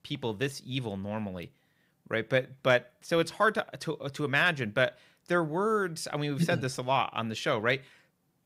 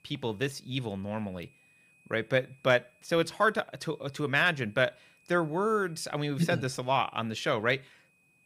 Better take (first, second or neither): first